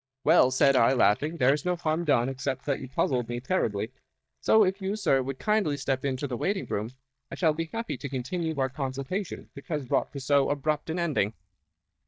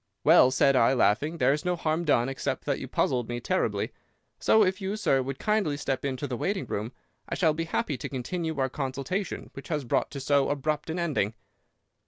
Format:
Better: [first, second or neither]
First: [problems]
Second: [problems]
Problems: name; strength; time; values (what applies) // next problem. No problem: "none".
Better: second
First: noise reduction (neural mask model DeepFilterNet 3)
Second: none